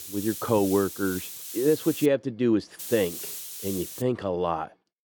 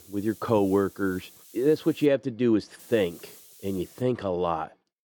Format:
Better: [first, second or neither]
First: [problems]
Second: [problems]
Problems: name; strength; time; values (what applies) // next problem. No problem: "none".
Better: second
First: hiss; loud; until 2 s and from 3 to 4 s; 9 dB below the speech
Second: hiss; faint; until 2 s and from 3 to 4 s; 20 dB below the speech